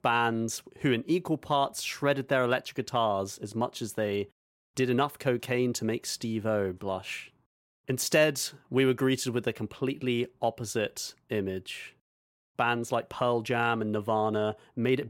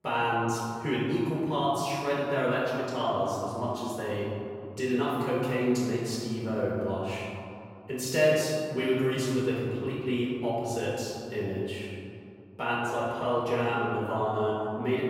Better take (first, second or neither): first